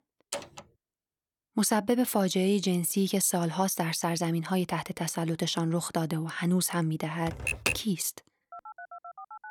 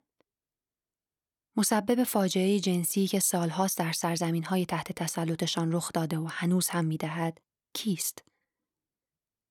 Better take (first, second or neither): second